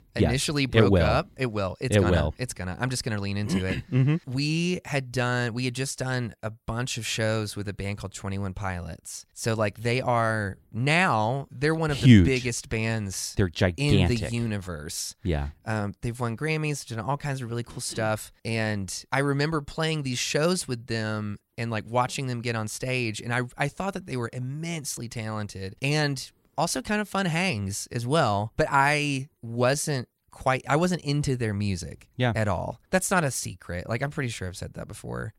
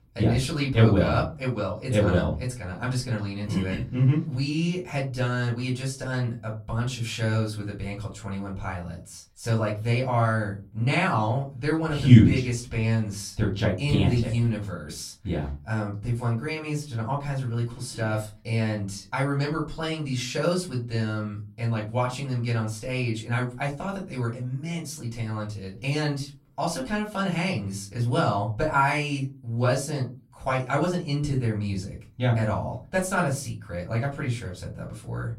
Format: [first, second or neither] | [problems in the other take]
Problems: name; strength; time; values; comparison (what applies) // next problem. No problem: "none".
first | off-mic speech; far // room echo; very slight; dies away in 0.3 s